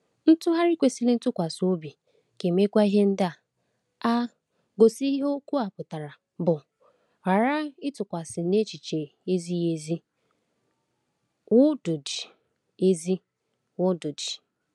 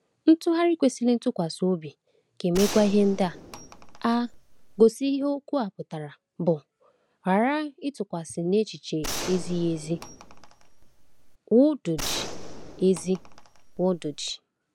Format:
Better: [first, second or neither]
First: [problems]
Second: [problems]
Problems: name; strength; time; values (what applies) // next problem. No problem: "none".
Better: first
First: none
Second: background sound (Gunshot, gunfire); 10 dB below the speech